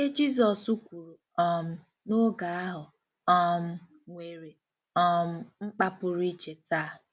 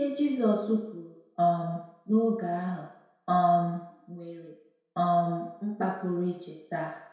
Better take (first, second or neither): first